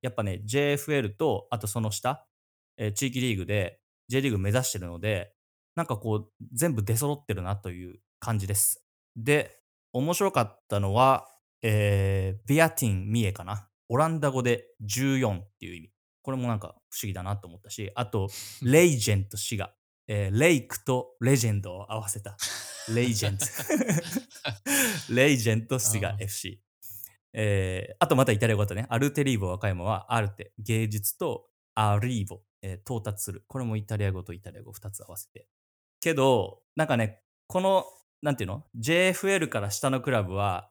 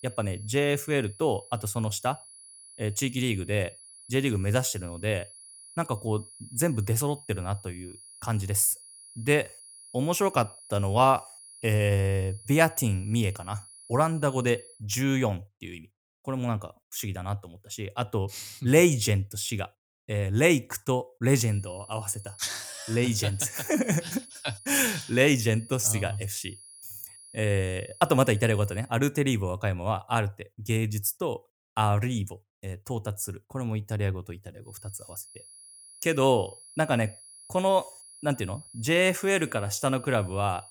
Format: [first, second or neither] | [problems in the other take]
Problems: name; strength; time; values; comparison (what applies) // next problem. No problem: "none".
first | high-pitched whine; noticeable; until 15 s, from 21 to 29 s and from 35 s on; 10.5 kHz, 20 dB below the speech